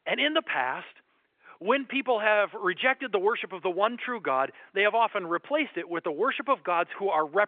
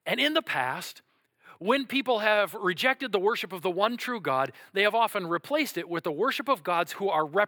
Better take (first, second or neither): second